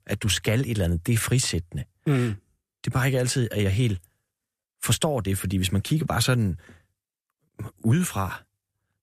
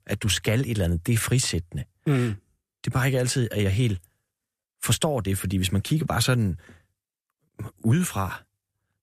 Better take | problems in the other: neither | none

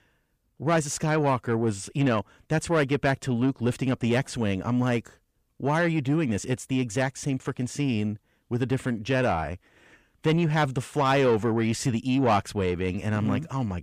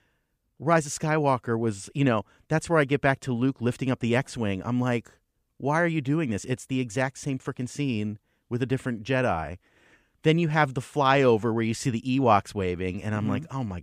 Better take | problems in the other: second | distortion; slight; 10 dB below the speech

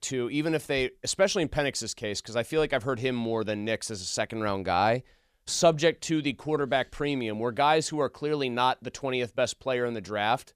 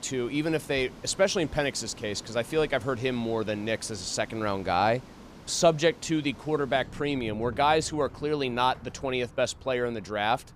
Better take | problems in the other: first | rain or running water; noticeable; throughout; 20 dB below the speech

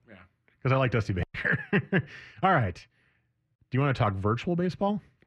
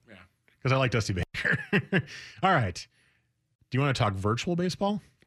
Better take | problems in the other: second | muffled; slightly; fading above 3.5 kHz

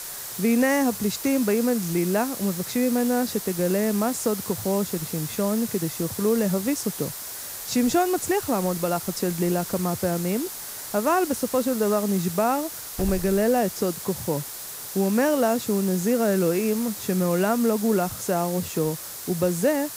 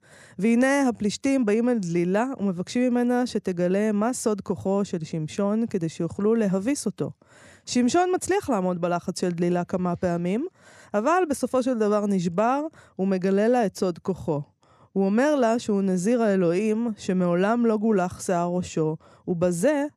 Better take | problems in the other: second | hiss; loud; throughout; 8 dB below the speech

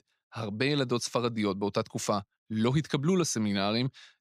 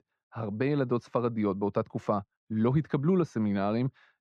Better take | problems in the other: first | muffled; very; fading above 3 kHz

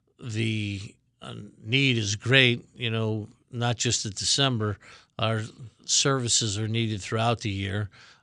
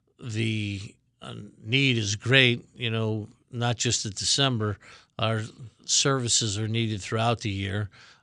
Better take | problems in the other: neither | none

